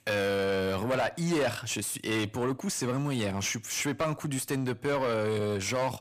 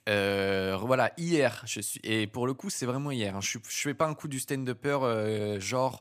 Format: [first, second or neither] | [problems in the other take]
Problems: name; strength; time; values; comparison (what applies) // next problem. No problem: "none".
second | distortion; heavy; 7 dB below the speech